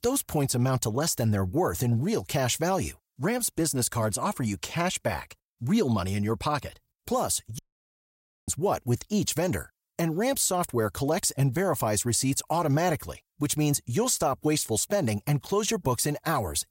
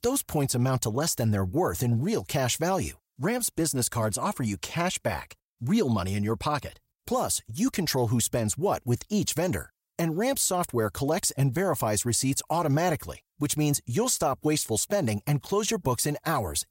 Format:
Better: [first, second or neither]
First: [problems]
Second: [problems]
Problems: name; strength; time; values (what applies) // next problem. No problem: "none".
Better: second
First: audio cutting out; at 7.5 s for 1 s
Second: none